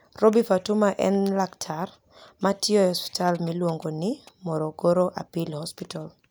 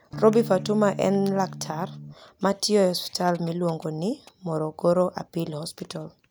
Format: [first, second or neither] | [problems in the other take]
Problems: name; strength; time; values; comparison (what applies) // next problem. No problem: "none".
first | background sound (Electric guitar / Strum); 11 dB below the speech